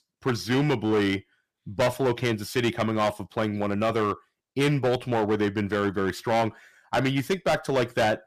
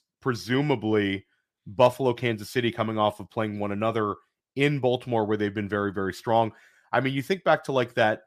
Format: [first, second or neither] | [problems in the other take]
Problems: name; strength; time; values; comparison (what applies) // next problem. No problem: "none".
second | distortion; heavy; 10% of the sound clipped